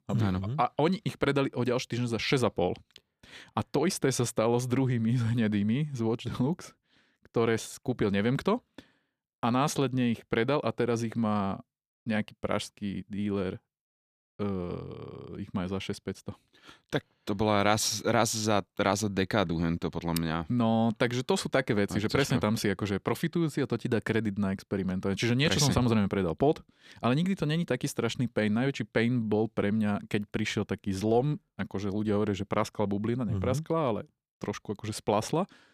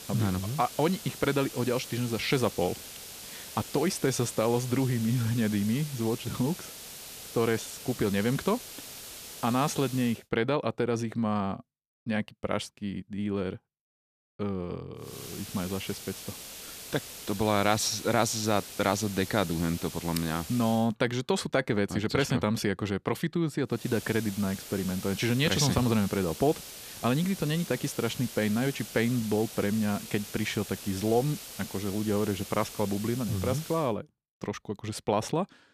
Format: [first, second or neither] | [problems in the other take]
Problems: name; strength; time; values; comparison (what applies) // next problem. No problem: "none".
first | hiss; noticeable; until 10 s, from 15 to 21 s and from 24 to 34 s; 10 dB below the speech